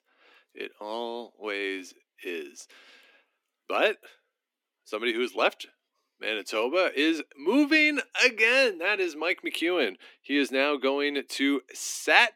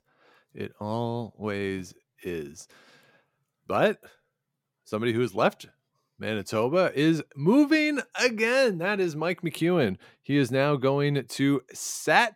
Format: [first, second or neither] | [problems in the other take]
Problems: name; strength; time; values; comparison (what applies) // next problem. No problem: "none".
second | thin; very slightly; fading below 250 Hz